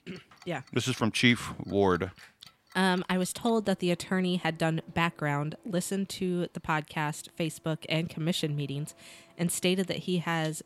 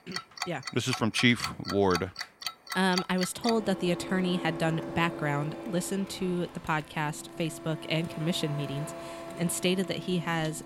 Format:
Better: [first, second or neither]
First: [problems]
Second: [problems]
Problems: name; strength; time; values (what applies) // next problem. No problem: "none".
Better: first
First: household noises; faint; throughout; 30 dB below the speech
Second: household noises; loud; throughout; 9 dB below the speech